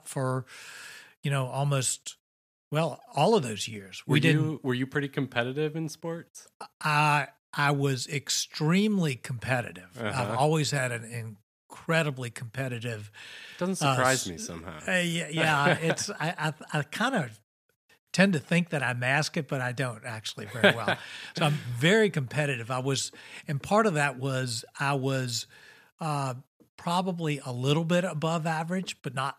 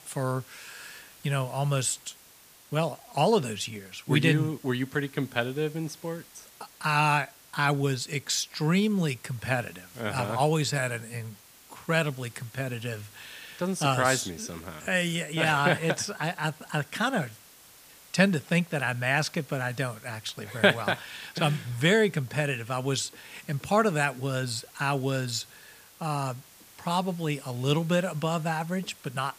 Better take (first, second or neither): first